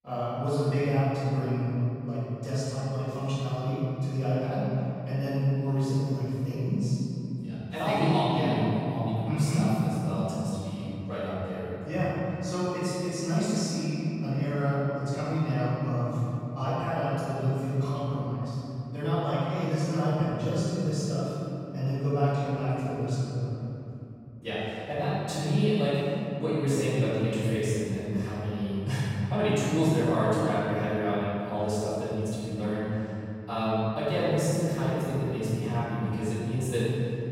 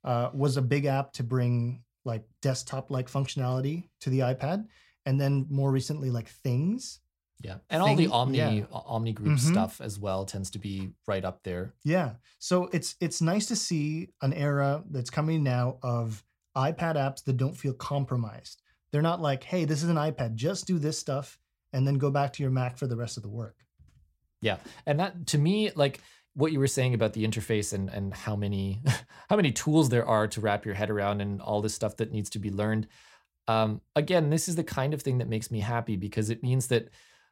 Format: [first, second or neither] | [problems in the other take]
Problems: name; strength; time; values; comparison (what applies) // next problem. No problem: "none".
second | room echo; strong; dies away in 3 s // off-mic speech; far